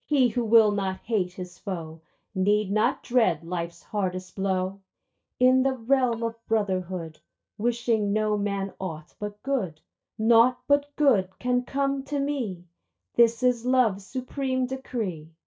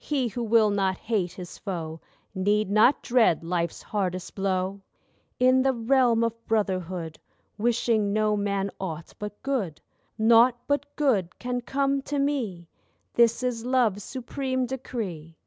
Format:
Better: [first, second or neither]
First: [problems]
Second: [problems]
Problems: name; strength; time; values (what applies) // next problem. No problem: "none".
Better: second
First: noise reduction (neural mask model DeepFilterNet 3)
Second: none